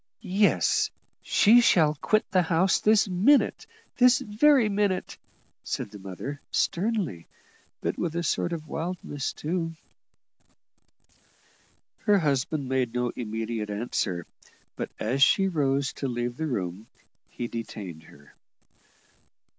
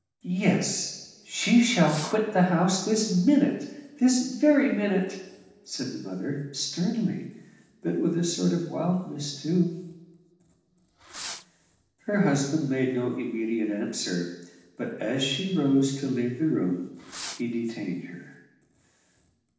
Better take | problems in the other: first | noise reduction (neural separator model SepFormer DNS4)

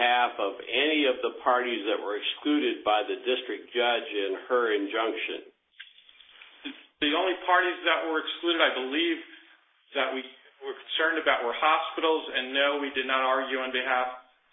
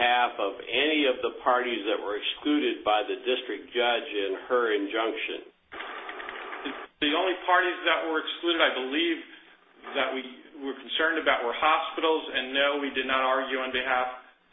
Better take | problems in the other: second | noise reduction (neural mask model Resemble Enhance denoiser)

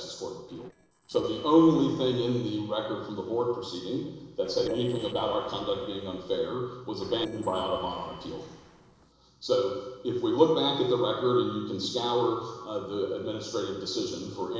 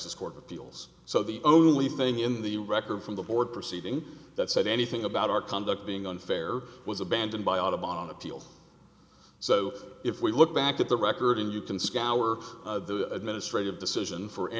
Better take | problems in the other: second | noise reduction (neural separator model SepFormer DNS4)

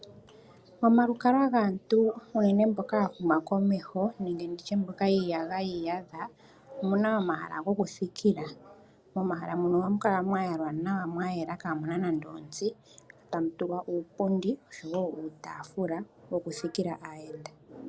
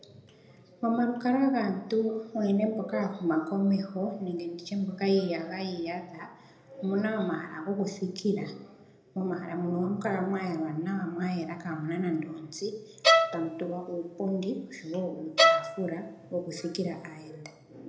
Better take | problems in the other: first | background sound (Bowed string instrument); 3 dB above the speech // room echo; dies away in 0.6 s

